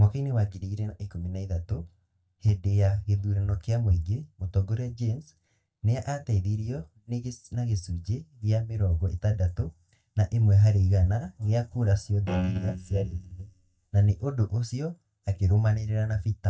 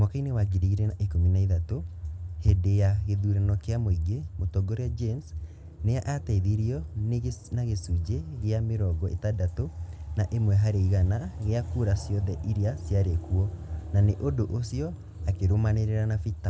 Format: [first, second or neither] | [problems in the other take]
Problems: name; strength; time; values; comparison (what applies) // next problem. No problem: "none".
second | noise reduction (neural mask model DeepFilterNet 3)